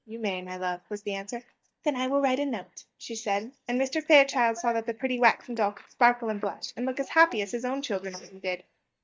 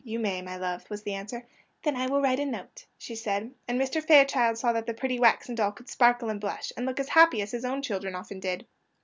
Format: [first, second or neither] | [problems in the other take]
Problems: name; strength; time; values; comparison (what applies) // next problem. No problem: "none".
second | noise reduction (neural mask model DeepFilterNet 3)